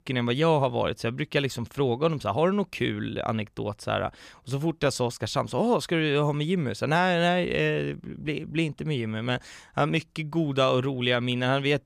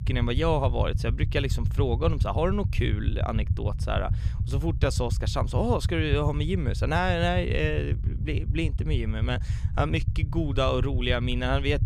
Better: first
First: none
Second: low rumble; noticeable; throughout; 15 dB below the speech

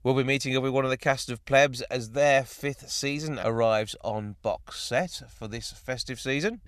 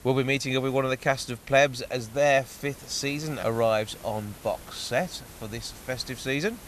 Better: first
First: none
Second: hiss; noticeable; throughout; 20 dB below the speech

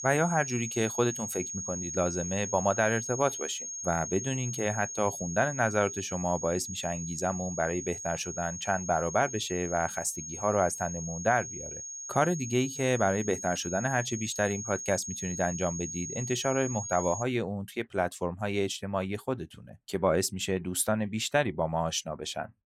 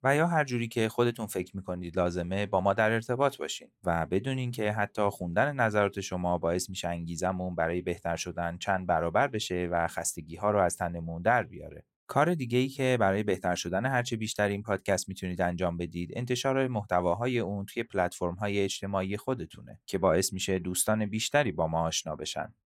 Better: second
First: high-pitched whine; loud; until 17 s; 6.5 kHz, 6 dB below the speech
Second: none

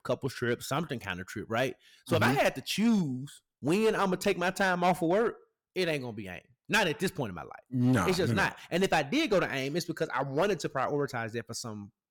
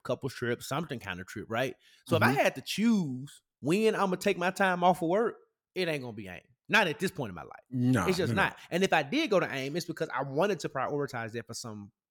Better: second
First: distortion; slight; 5% of the sound clipped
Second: none

